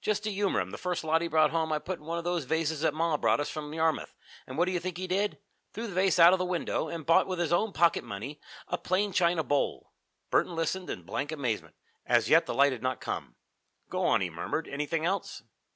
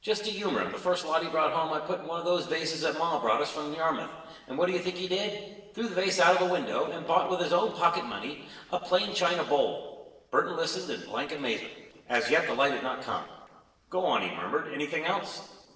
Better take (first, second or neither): first